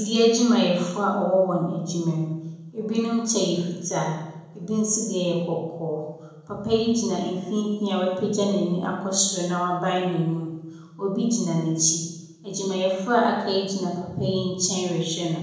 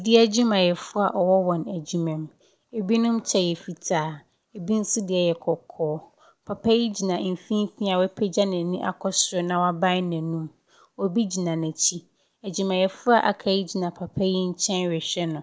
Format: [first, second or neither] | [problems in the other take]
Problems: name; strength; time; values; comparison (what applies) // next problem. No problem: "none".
second | room echo; dies away in 0.9 s